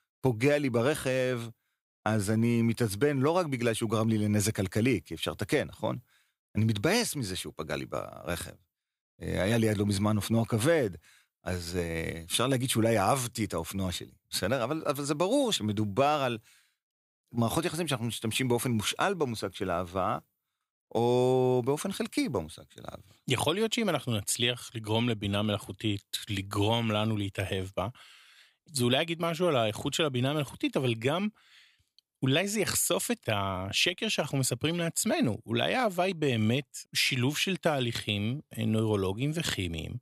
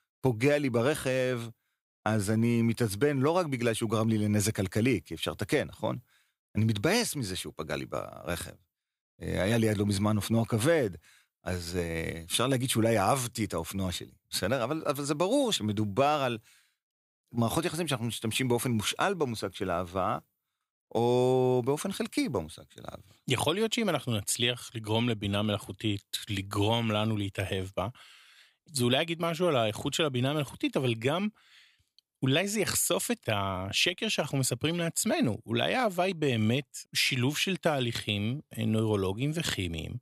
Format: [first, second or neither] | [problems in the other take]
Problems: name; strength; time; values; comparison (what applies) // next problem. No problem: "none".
neither | none